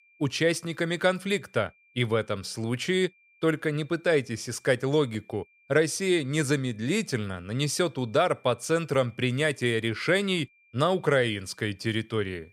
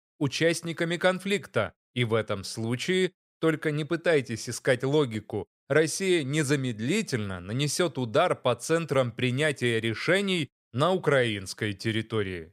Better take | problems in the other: second | high-pitched whine; faint; throughout; 2.5 kHz, 30 dB below the speech

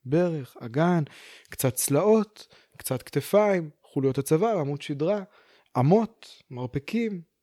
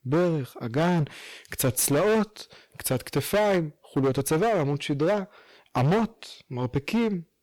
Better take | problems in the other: first | distortion; heavy; 16% of the sound clipped

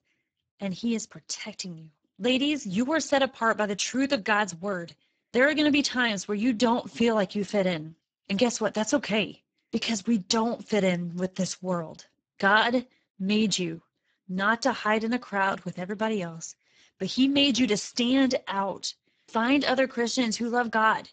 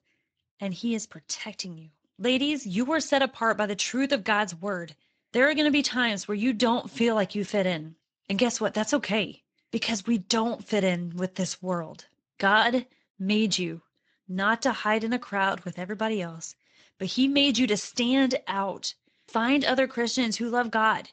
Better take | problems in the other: second | garbled, watery; badly; nothing above 7.5 kHz; slightly in the second

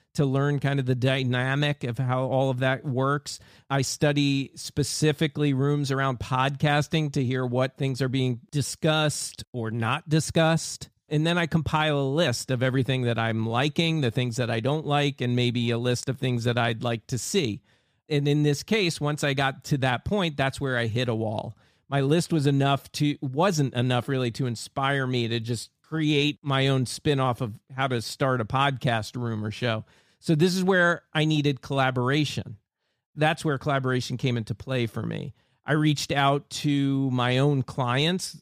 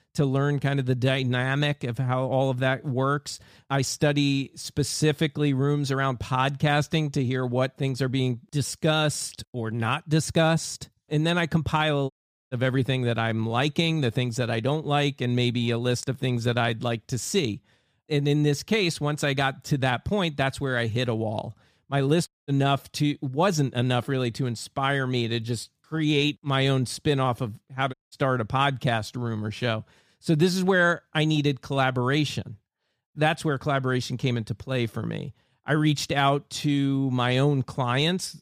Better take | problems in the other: first | audio cutting out; at 12 s, at 22 s and at 28 s

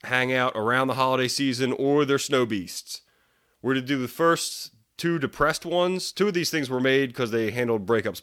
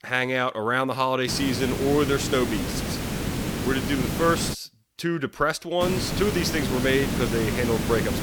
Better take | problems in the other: first | hiss; loud; from 1.5 to 4.5 s and from 6 s on; 3 dB below the speech

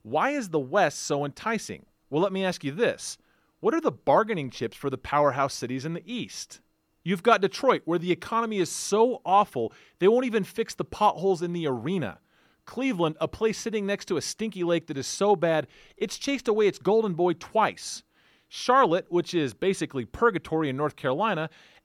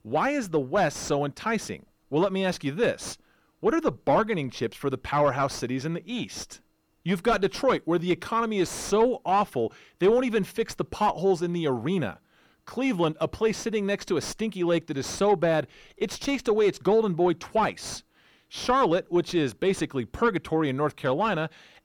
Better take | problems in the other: first | distortion; slight; 10 dB below the speech

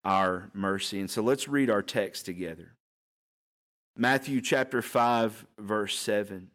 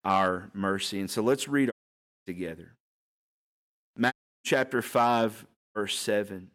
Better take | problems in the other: first | audio cutting out; at 1.5 s for 0.5 s, at 4 s and at 5.5 s

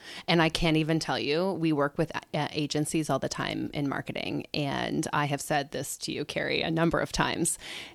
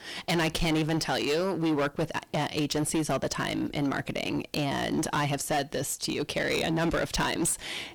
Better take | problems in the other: first | distortion; heavy; 16% of the sound clipped

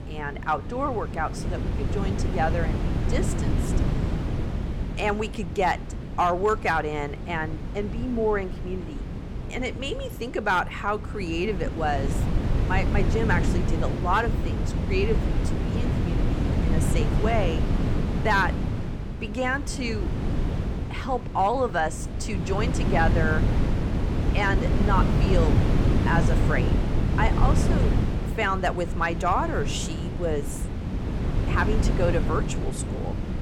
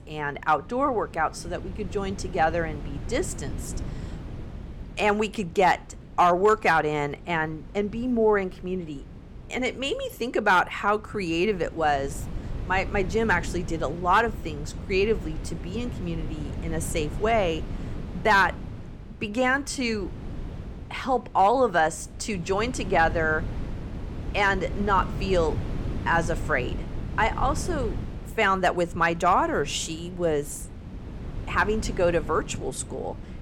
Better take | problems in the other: second | wind noise on the microphone; heavy; 8 dB below the speech; occasional gusts in the second

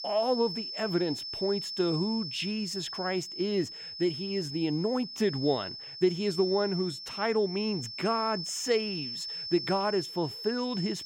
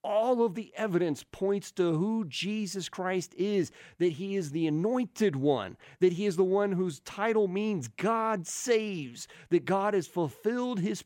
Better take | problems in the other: second | high-pitched whine; loud; throughout; 5.5 kHz, 6 dB below the speech

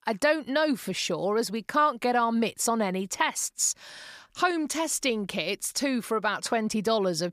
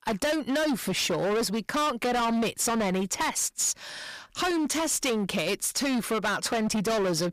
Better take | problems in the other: first | distortion; heavy; 29% of the sound clipped

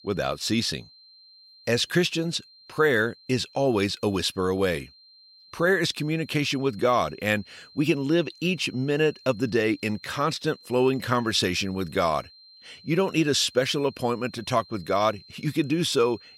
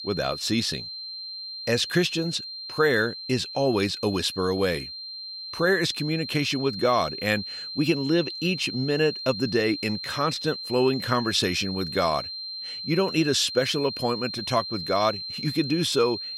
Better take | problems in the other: first | high-pitched whine; loud; throughout; 4 kHz, 8 dB below the speech; faint in the first

